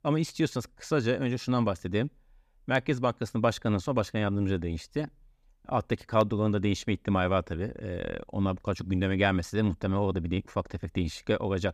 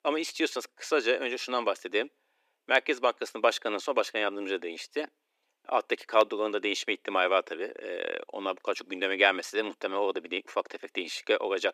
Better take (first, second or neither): first